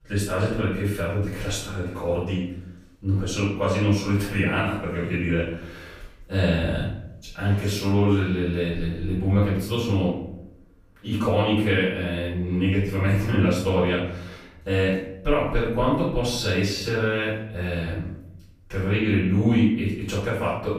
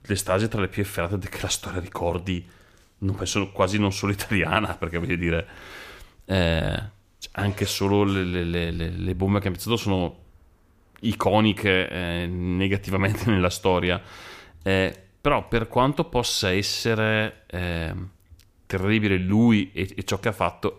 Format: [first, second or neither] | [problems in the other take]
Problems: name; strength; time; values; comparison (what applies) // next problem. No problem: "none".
second | off-mic speech; far // room echo; noticeable; dies away in 0.7 s